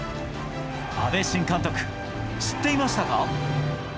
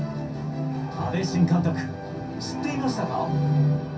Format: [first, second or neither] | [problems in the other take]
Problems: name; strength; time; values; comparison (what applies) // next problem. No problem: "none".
first | room echo; dies away in 0.3 s